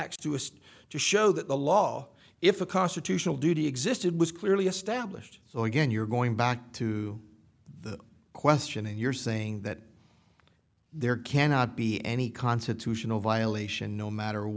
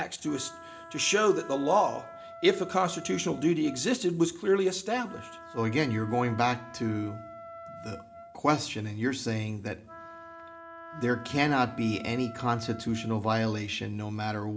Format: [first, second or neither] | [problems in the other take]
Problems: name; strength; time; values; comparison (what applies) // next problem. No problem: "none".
first | background sound (Wind instrument, woodwind instrument); 17 dB below the speech // room echo; dies away in 0.4 s